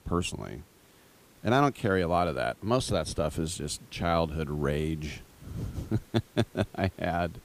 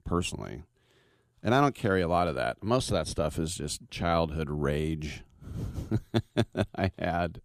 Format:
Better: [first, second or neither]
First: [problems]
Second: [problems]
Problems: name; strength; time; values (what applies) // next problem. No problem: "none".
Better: second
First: hiss; faint; throughout; 25 dB below the speech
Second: none